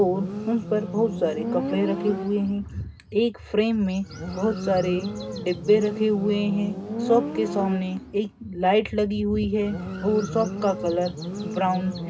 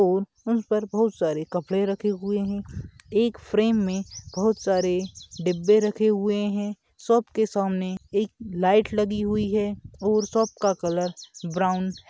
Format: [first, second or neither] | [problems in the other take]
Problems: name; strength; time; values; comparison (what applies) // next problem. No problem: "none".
second | background sound (Motorcycle); 8 dB below the speech // room echo; dies away in 0.2 s